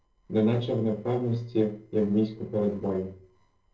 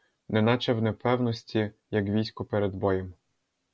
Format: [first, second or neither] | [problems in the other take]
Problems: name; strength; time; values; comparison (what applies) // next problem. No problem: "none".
second | noise reduction (neural separator model SepFormer DNS4)